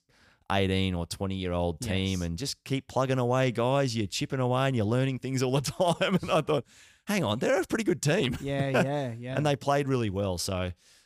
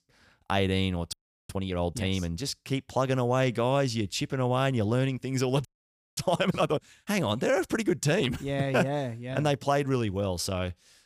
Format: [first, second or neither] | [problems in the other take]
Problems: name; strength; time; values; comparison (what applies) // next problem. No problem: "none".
first | audio freezing; at 1 s and at 5.5 s for 0.5 s